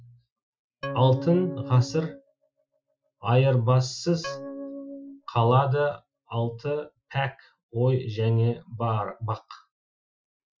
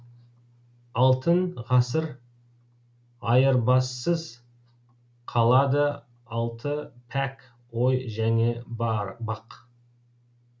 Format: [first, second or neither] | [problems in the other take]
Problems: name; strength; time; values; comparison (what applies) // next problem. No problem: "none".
second | noise reduction (classical method Wiener filter)